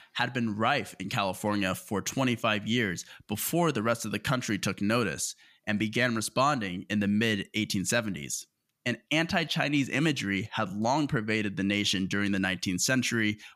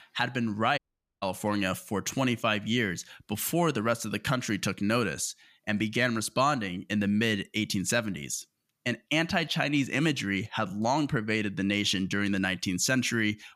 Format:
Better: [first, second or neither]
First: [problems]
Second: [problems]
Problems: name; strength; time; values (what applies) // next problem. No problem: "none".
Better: first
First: none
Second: audio cutting out; at 1 s